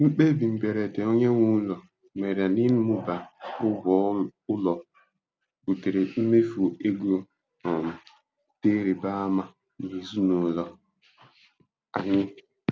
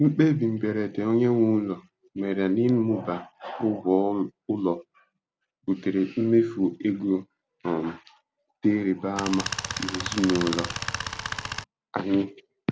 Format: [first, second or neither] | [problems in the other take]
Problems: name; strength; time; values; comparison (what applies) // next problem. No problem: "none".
first | background sound (Tools); 6 dB below the speech